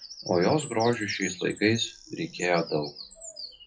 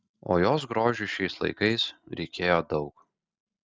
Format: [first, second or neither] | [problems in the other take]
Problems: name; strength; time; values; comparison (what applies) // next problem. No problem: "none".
second | noise reduction (classical method WPE with log-MMSE)